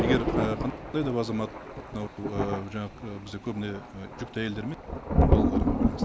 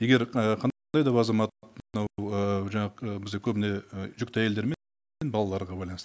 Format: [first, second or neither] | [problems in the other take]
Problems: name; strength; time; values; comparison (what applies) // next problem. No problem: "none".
second | background sound (Thunder); 4 dB above the speech